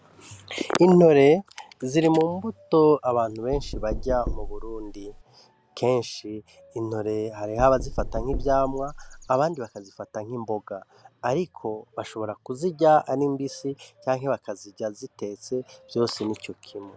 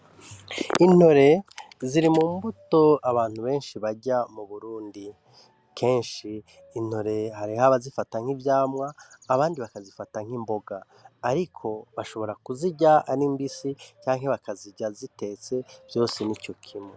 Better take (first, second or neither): second